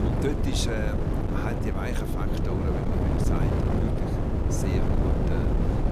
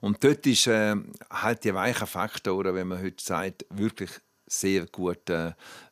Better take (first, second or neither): second